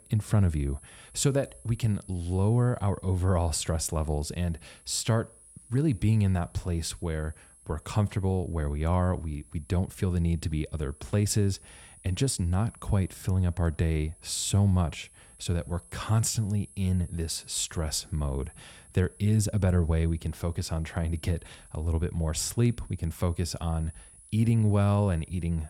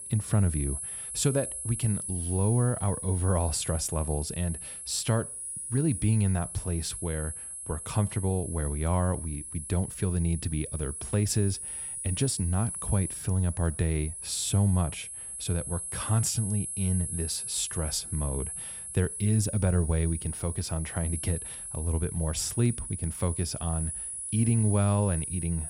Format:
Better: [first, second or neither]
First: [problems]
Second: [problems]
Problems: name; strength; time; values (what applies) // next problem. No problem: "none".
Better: first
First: high-pitched whine; faint; throughout; 10.5 kHz, 25 dB below the speech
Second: high-pitched whine; loud; throughout; 10.5 kHz, 6 dB below the speech